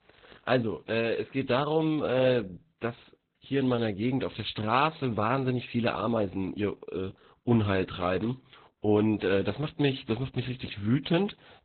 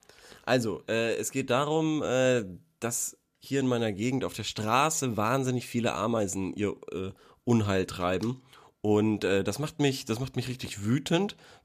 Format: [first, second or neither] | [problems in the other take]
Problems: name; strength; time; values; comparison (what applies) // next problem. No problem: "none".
second | garbled, watery; badly; nothing above 4 kHz